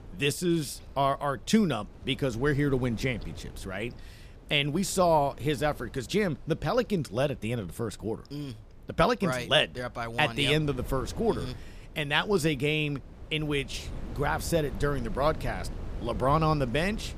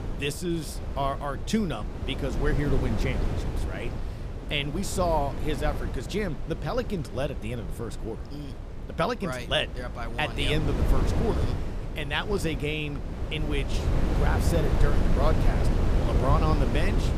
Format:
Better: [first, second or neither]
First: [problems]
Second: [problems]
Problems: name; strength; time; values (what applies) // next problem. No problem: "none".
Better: first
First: wind noise on the microphone; occasional gusts; 25 dB below the speech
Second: wind noise on the microphone; heavy; 7 dB below the speech